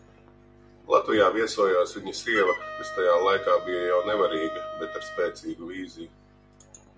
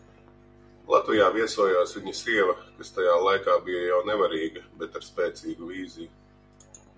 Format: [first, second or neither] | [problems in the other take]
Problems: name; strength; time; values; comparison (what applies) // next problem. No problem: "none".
second | background sound (Wind instrument, woodwind instrument); 9 dB below the speech